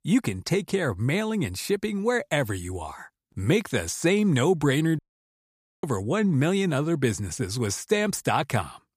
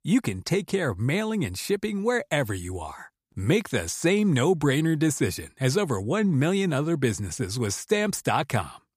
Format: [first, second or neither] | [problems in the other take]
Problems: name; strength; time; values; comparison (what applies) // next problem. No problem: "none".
second | audio cutting out; at 5 s for 1 s